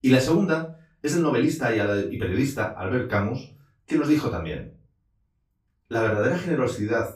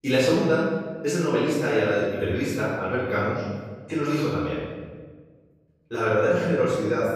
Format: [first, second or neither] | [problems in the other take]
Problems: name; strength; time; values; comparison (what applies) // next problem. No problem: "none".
first | room echo; strong; dies away in 1.3 s; slight in the first // off-mic speech; far; far in the first